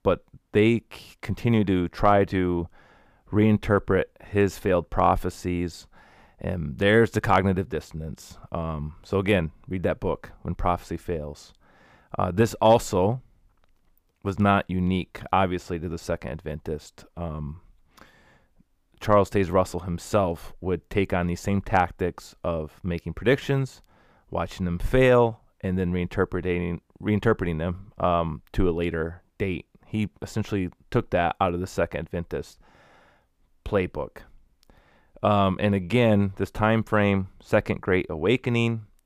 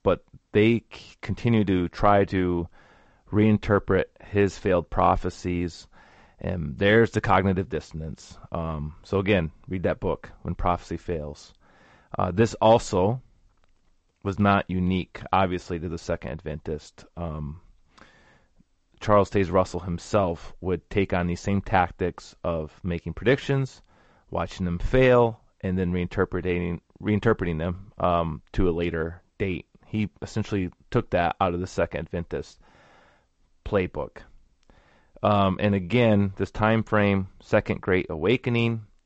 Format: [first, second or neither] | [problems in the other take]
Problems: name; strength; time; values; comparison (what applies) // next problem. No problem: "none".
first | garbled, watery; slightly; nothing above 7.5 kHz